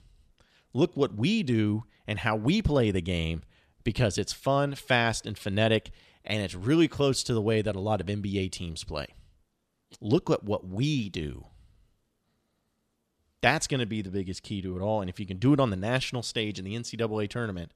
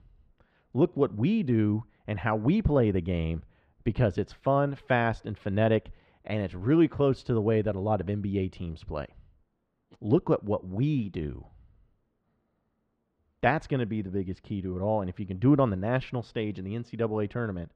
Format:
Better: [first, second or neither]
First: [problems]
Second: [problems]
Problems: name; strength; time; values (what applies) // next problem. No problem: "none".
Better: first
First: none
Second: muffled; very; fading above 4 kHz